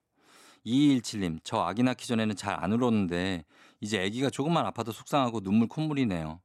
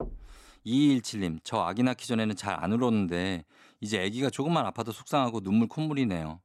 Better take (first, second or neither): first